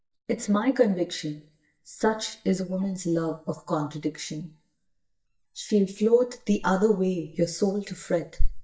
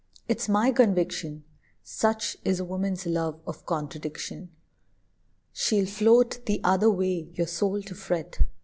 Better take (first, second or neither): second